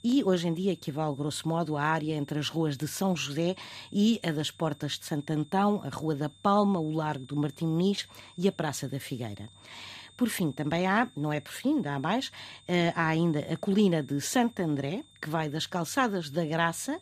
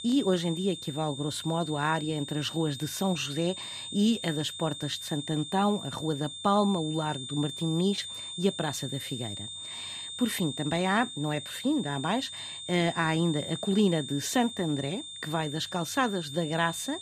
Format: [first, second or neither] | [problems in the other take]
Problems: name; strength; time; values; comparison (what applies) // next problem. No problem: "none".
first | high-pitched whine; loud; throughout; 3.5 kHz, 8 dB below the speech; faint in the first